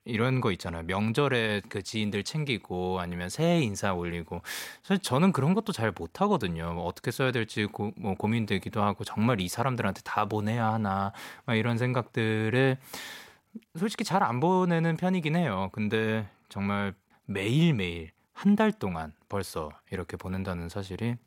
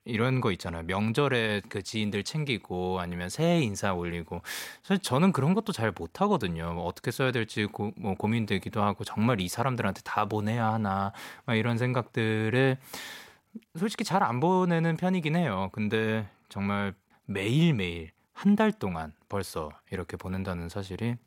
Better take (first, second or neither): neither